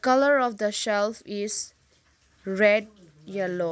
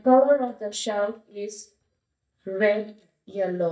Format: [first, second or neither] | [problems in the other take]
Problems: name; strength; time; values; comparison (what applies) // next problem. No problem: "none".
first | noise reduction (neural mask model DeepFilterNet 3)